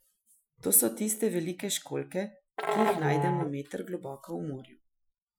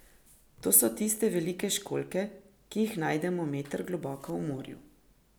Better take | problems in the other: second | noise reduction (classical method Wiener filter)

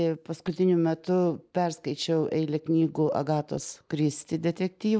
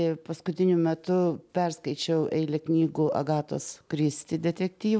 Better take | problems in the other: second | noise reduction (neural mask model DeepFilterNet 3)

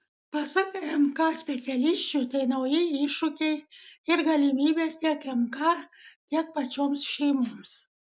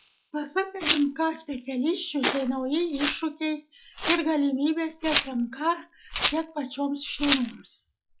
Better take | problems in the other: first | noise reduction (classical method log-MMSE)

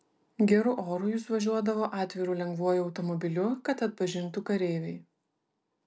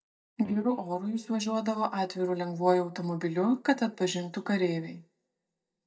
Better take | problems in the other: first | noise reduction (neural mask model DeepFilterNet 3)

